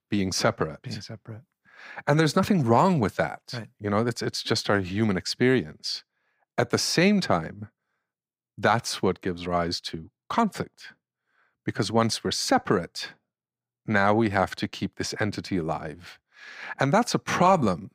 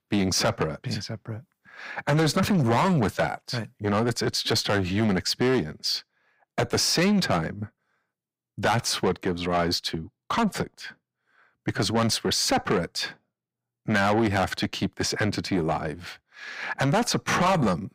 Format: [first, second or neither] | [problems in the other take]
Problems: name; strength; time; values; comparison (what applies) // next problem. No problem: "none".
first | distortion; heavy; 7 dB below the speech